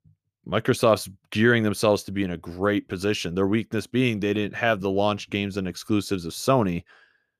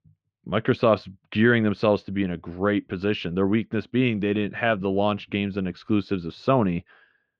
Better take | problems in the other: first | muffled; slightly; fading above 3.5 kHz

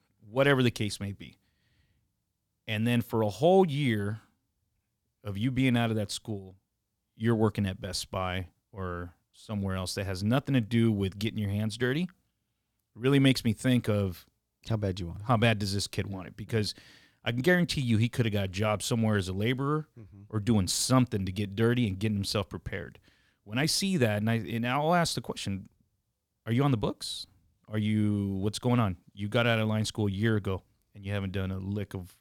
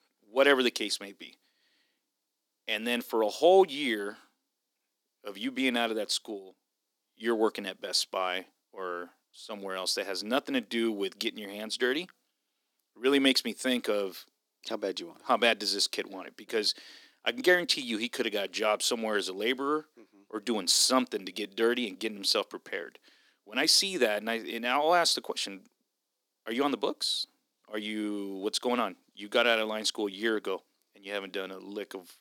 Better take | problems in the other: first | thin; somewhat; fading below 300 Hz

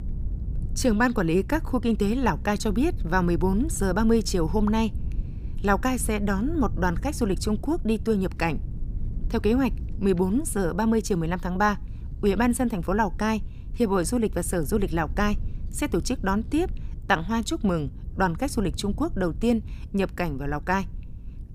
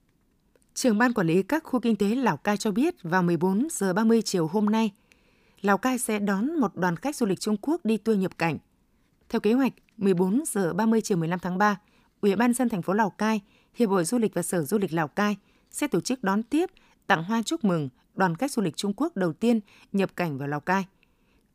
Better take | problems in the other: second | low rumble; faint; throughout; 25 dB below the speech

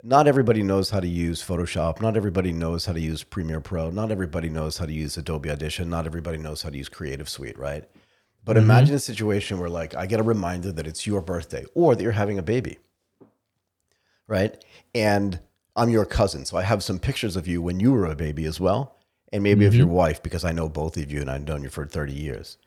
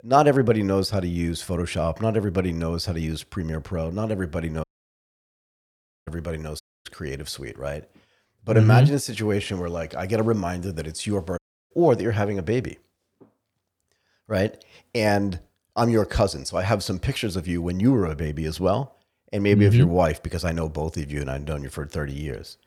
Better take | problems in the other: first | audio cutting out; at 4.5 s for 1.5 s, at 6.5 s and at 11 s

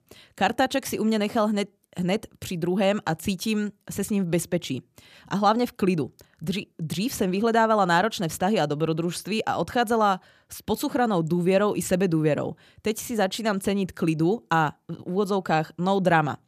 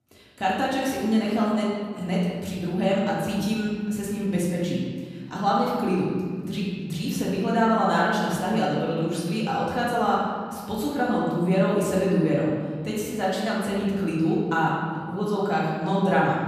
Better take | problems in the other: first | room echo; noticeable; dies away in 1.7 s // off-mic speech; far

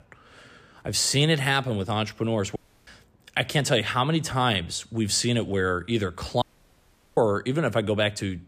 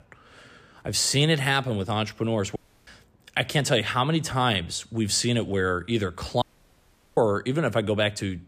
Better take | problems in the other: neither | audio cutting out; at 2.5 s and at 6.5 s for 1 s; the same in both

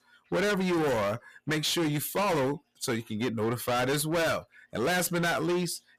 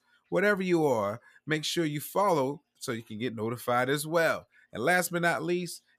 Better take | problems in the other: second | distortion; heavy; 25% of the sound clipped

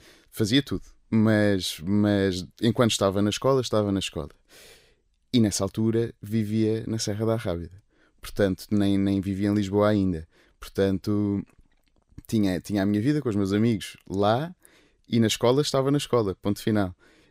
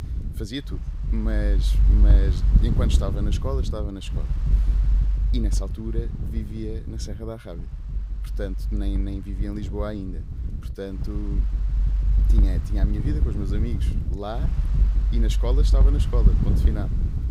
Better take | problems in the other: first | wind noise on the microphone; heavy; 6 dB below the speech

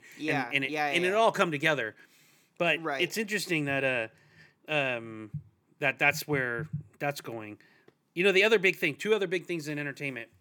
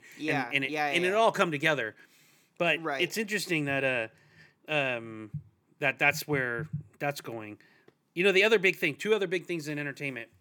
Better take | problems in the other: neither | none

